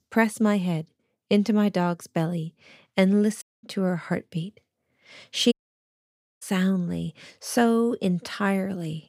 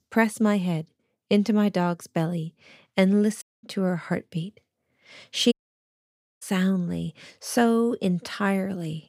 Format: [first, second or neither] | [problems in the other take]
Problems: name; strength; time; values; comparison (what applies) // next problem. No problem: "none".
neither | audio cutting out; at 3.5 s and at 5.5 s for 1 s; the same in both